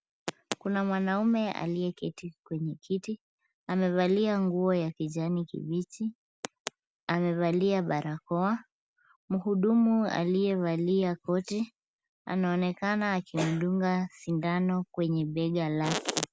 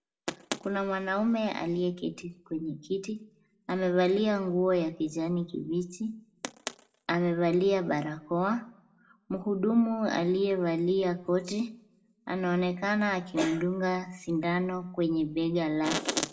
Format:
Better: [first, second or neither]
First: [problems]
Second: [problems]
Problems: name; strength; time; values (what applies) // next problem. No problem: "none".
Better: first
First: none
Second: room echo; dies away in 0.4 s